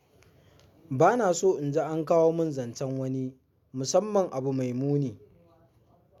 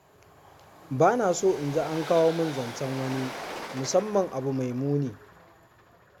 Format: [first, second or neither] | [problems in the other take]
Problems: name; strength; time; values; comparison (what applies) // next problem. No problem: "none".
first | background sound (Train); 13 dB below the speech